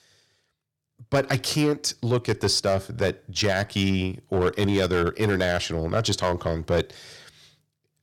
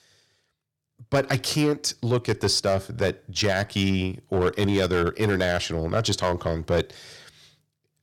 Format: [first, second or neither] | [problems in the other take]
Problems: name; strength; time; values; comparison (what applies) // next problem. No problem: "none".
neither | distortion; slight; 4% of the sound clipped; the same in both